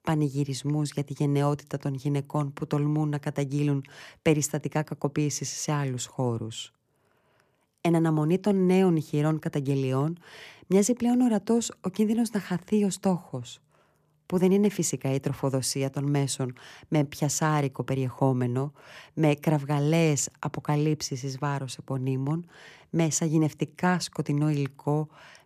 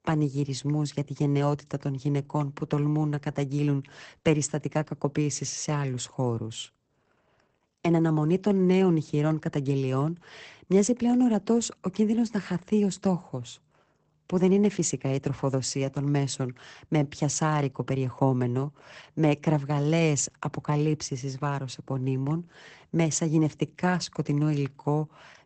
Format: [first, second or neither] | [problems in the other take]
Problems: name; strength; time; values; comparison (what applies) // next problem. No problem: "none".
first | garbled, watery; badly; nothing above 8 kHz